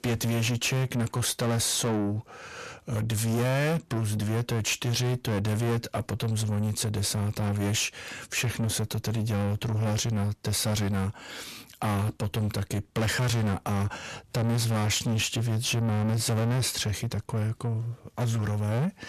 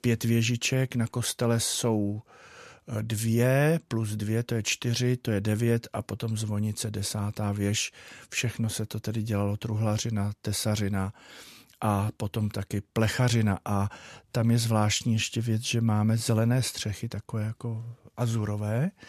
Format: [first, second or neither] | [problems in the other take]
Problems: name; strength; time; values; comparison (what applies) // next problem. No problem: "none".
second | distortion; heavy; 7 dB below the speech